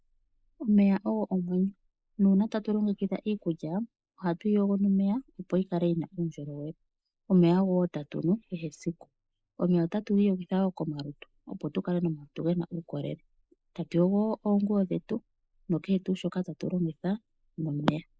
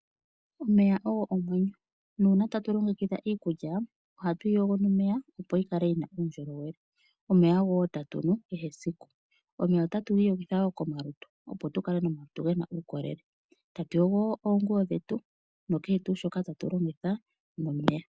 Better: second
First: noise reduction (neural mask model Resemble Enhance denoiser)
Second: none

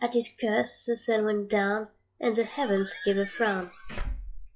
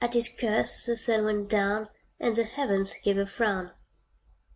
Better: second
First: noise reduction (classical method log-MMSE)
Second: none

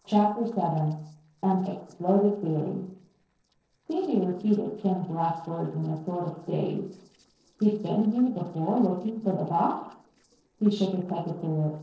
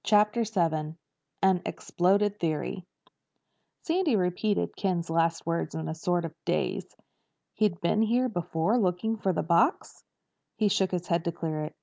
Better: second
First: noise reduction (neural separator model SepFormer DNS4)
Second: none

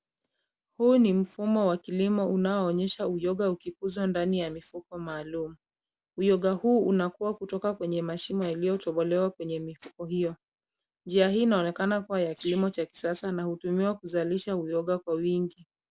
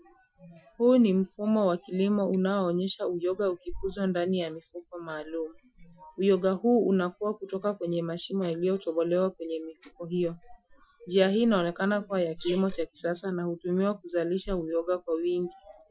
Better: first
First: none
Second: noise reduction (classical method Wiener filter)

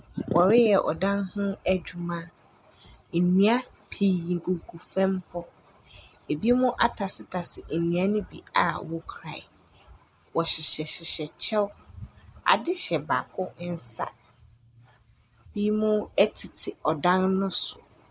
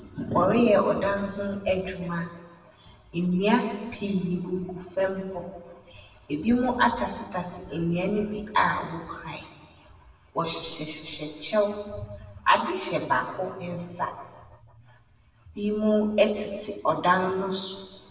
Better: first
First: none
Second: room echo; dies away in 1.2 s

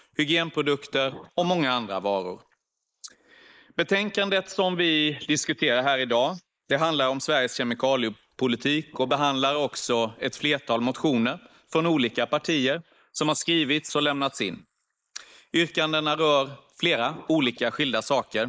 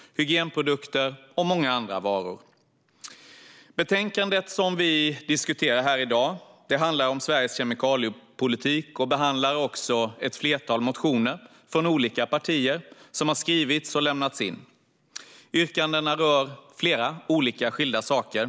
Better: second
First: noise reduction (neural mask model Resemble Enhance denoiser)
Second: none

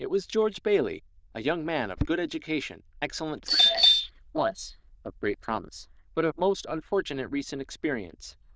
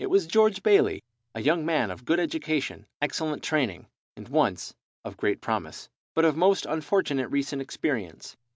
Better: second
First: noise reduction (neural diffusion model UNIVERSE++)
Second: none

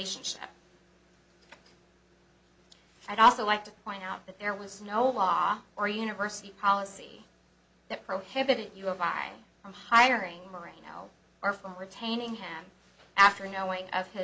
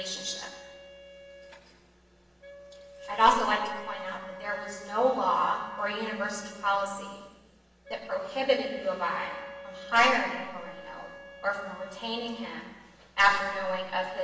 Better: first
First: none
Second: background sound (Wind instrument, woodwind instrument); 16 dB below the speech // room echo; dies away in 1.1 s

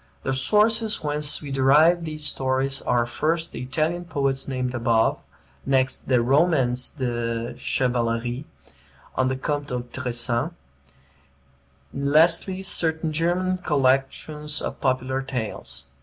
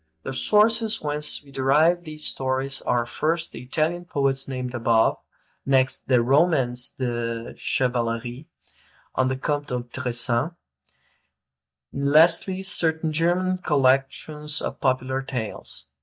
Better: first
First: none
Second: noise reduction (neural mask model DeepFilterNet 3)

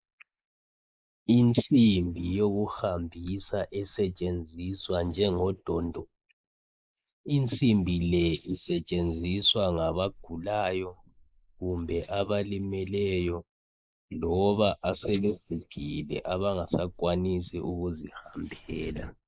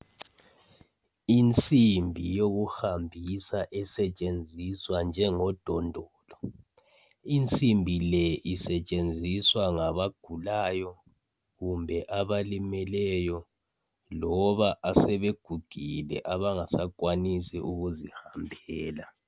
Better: second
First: noise reduction (neural mask model Resemble Enhance denoiser)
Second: none

